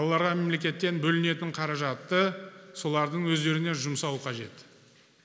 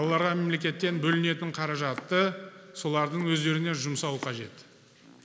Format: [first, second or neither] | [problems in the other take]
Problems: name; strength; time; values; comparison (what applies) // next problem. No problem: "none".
first | background sound (Domestic sounds, home sounds); 19 dB below the speech